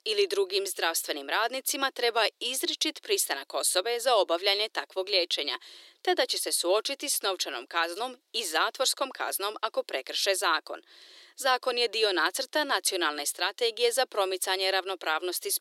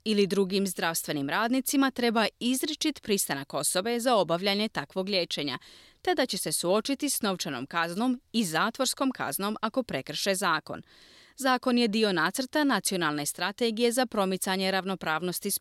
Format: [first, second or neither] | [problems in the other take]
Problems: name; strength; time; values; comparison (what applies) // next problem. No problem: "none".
second | thin; very; fading below 350 Hz